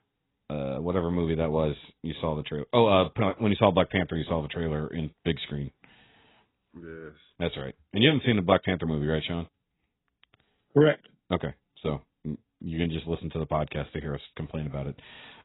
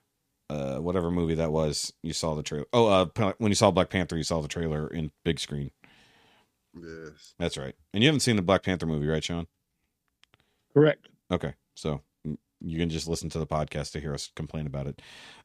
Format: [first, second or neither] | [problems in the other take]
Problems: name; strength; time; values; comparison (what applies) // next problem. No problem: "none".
second | garbled, watery; badly; nothing above 4 kHz